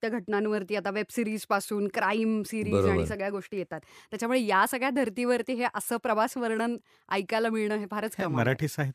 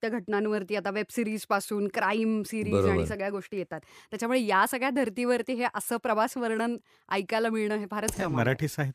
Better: first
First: none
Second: keyboard typing; noticeable; at 8 s; peak 7 dB below the speech

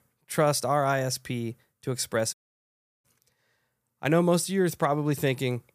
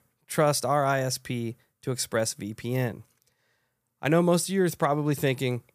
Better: second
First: audio cutting out; at 2.5 s for 0.5 s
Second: none

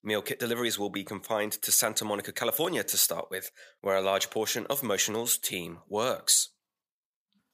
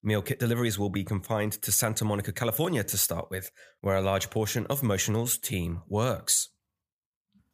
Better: second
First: thin; somewhat; fading below 300 Hz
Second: none

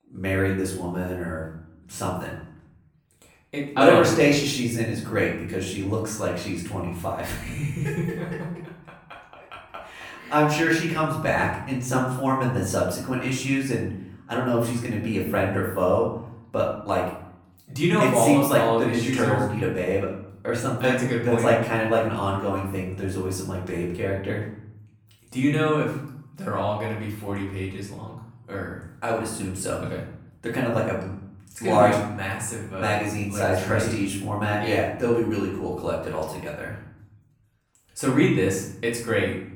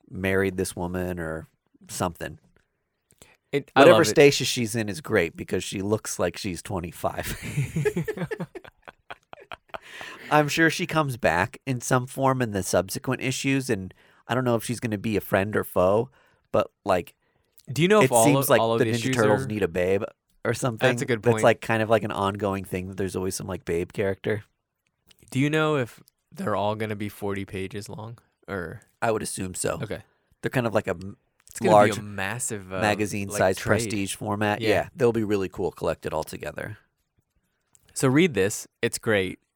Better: second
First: room echo; noticeable; dies away in 0.7 s // off-mic speech; far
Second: none

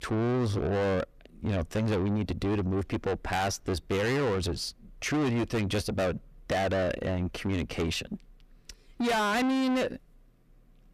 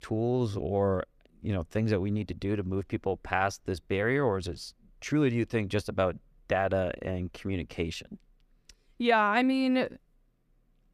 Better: second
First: distortion; heavy; 6 dB below the speech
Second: none

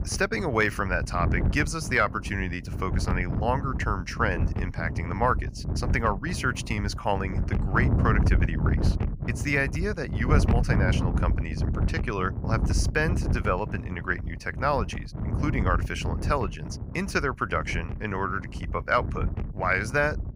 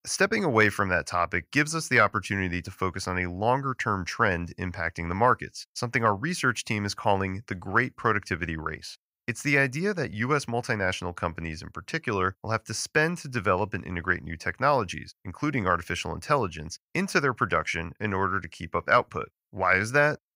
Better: second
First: wind noise on the microphone; occasional gusts; 10 dB below the speech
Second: none

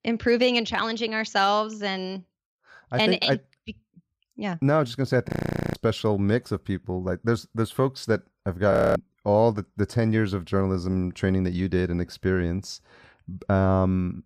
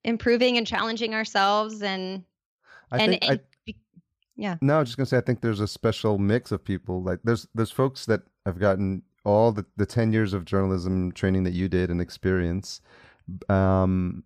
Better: second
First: audio freezing; at 5.5 s and at 8.5 s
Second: none

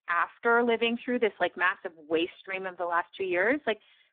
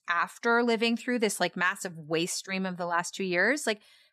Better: second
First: phone-call audio; poor line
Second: none

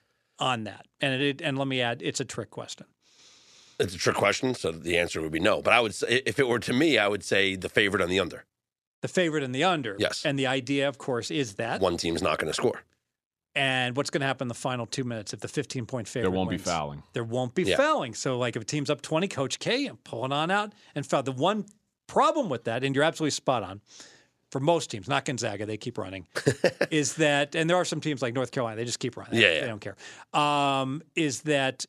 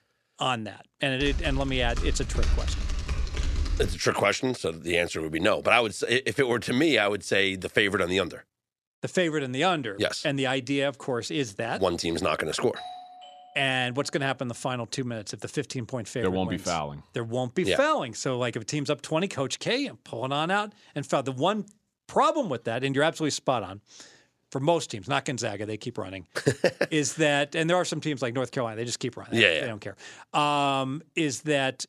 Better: first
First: none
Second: keyboard typing; noticeable; from 1 to 4 s; peak 2 dB below the speech // doorbell; faint; from 13 to 14 s; peak 15 dB below the speech

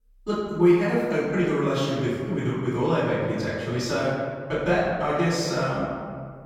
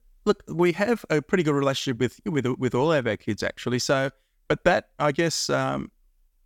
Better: second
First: off-mic speech; far // room echo; strong; dies away in 1.9 s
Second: none

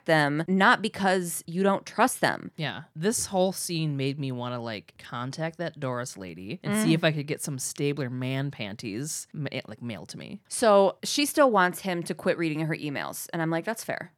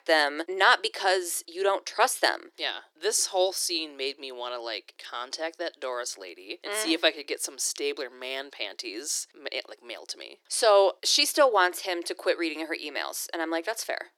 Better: first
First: none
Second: thin; very; fading below 350 Hz

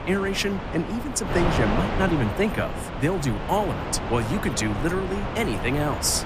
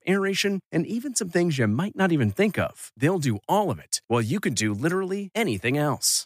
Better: second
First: wind noise on the microphone; heavy; 3 dB below the speech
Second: none

